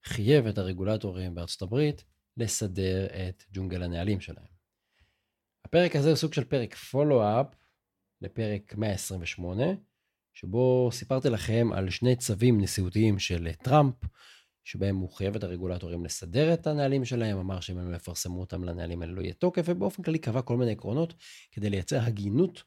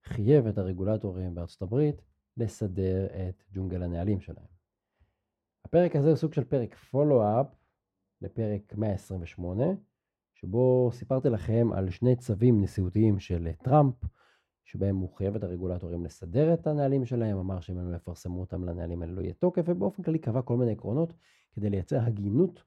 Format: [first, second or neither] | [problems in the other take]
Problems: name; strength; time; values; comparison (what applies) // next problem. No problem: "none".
first | muffled; very; fading above 1.5 kHz